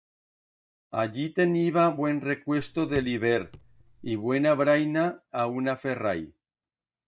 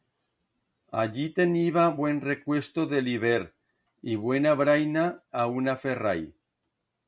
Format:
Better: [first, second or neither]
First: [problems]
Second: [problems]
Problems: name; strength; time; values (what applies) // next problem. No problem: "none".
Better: second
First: noise reduction (neural mask model DeepFilterNet 3)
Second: none